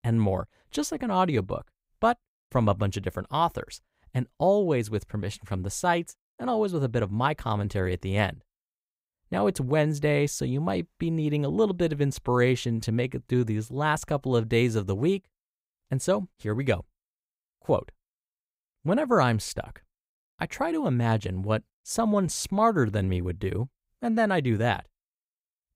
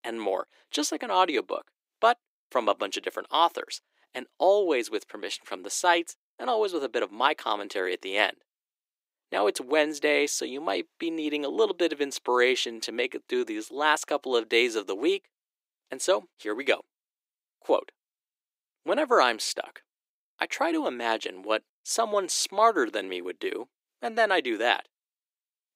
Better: first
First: none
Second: thin; very; fading below 300 Hz

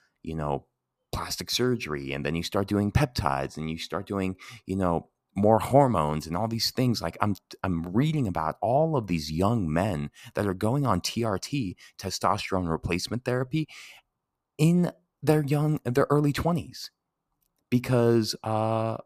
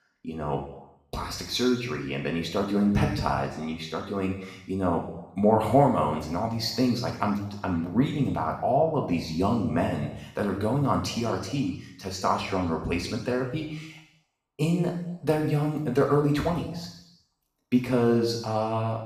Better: first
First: none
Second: room echo; noticeable; dies away in 0.9 s // off-mic speech; far

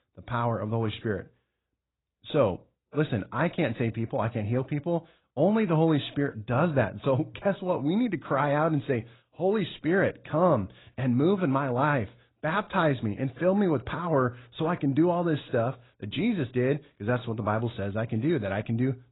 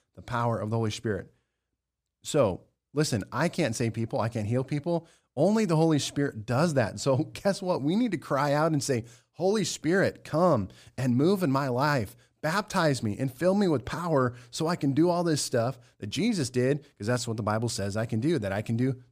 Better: second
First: garbled, watery; badly; nothing above 4 kHz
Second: none

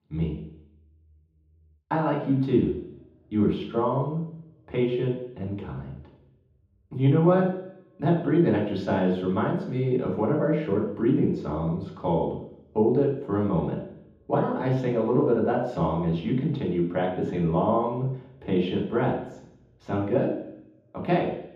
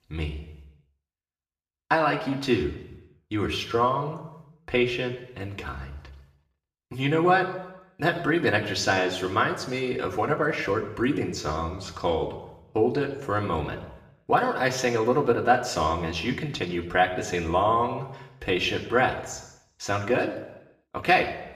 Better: second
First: room echo; strong; dies away in 0.9 s // off-mic speech; far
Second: room echo; slight; dies away in 0.8 s // off-mic speech; somewhat distant

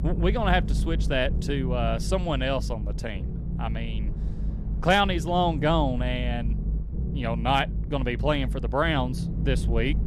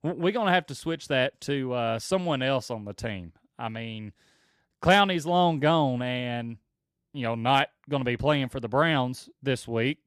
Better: second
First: low rumble; noticeable; throughout; 15 dB below the speech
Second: none

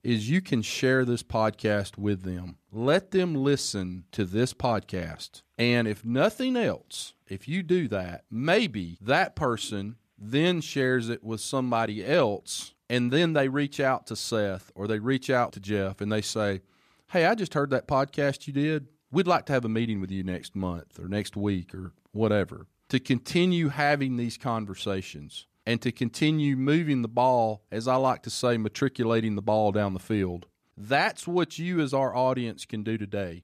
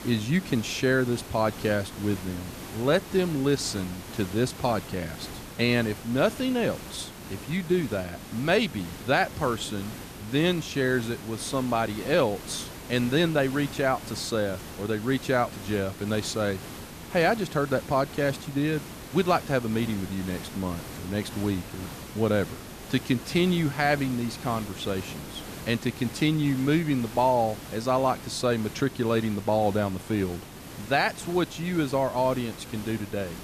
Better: first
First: none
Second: hiss; noticeable; throughout; 15 dB below the speech

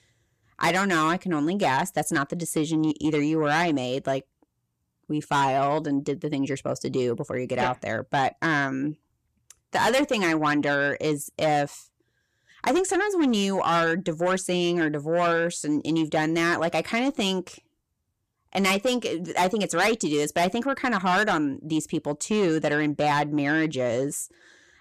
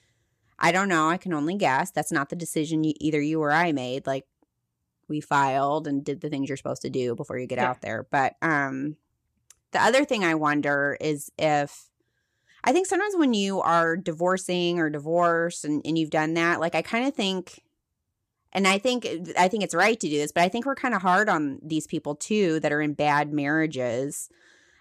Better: second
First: distortion; slight; 10 dB below the speech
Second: none

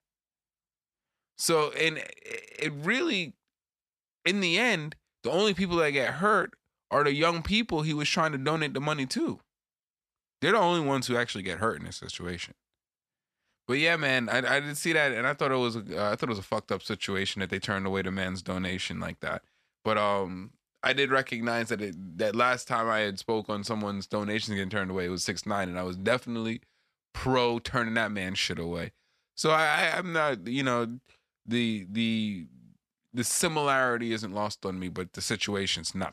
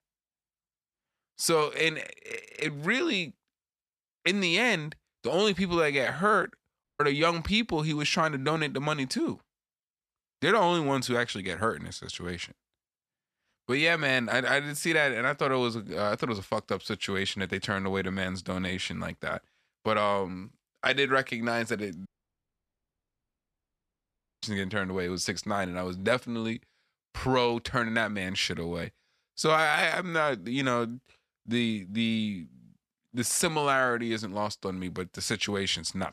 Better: first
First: none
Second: audio cutting out; at 7 s and at 22 s for 2.5 s

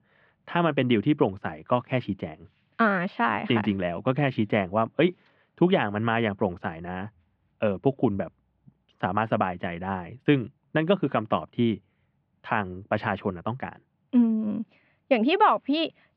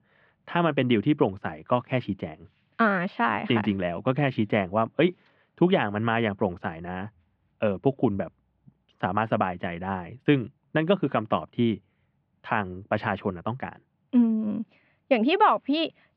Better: neither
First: muffled; slightly; fading above 3 kHz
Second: muffled; slightly; fading above 3 kHz

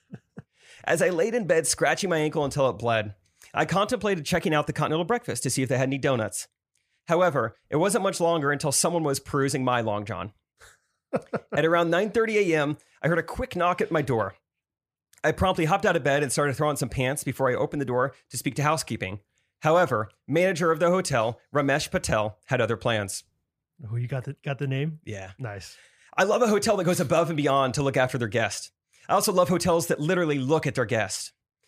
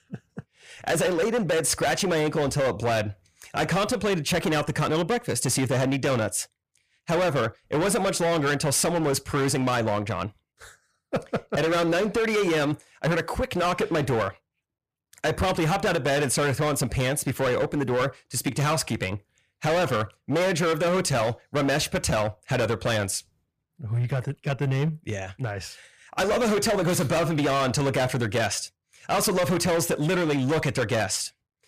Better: first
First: none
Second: distortion; heavy; 21% of the sound clipped

